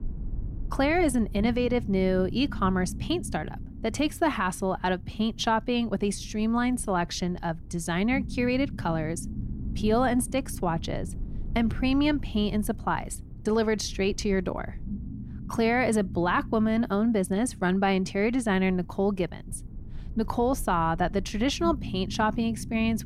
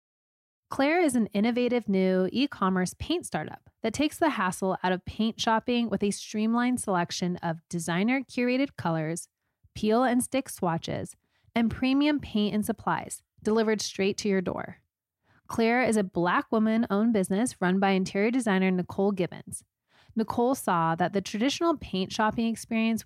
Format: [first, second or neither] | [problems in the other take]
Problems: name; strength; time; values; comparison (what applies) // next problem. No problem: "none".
second | low rumble; faint; throughout; 20 dB below the speech